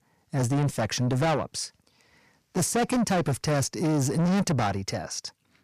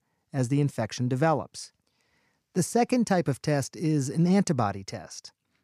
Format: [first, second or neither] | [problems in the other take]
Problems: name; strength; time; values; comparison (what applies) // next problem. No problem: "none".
second | distortion; heavy; 6 dB below the speech